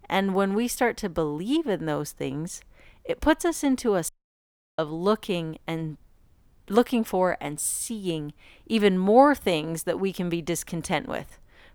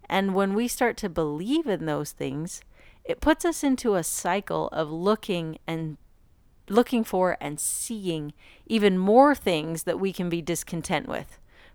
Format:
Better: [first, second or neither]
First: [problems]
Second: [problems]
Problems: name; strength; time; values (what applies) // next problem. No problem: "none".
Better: second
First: audio cutting out; at 4 s for 0.5 s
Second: none